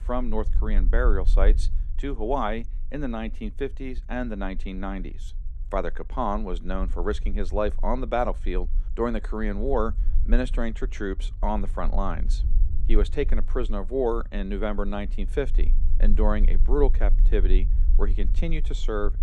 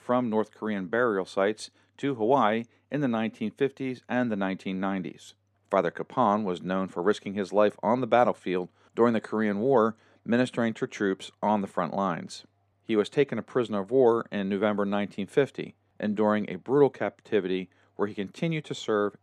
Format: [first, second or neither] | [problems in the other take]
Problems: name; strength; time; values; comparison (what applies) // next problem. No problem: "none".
second | low rumble; faint; throughout; 20 dB below the speech